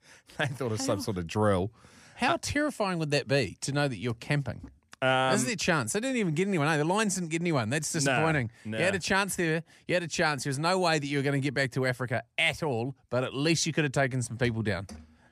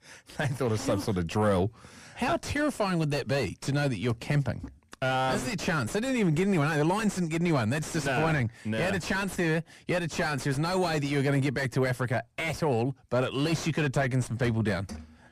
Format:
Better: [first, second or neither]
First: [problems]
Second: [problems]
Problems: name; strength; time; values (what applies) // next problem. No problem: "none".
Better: first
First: none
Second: distortion; heavy; 5 dB below the speech